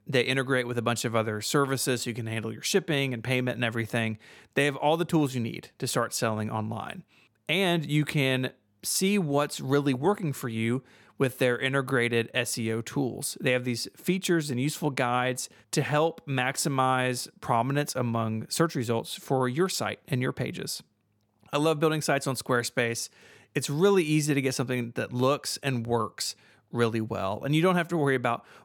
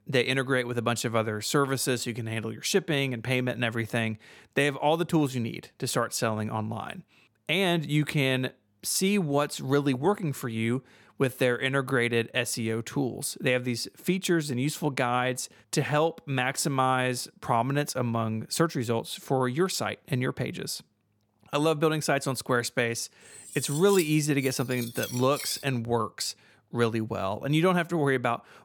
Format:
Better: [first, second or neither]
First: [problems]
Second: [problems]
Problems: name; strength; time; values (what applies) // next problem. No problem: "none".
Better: first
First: none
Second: clattering dishes; noticeable; from 23 to 26 s; peak 6 dB below the speech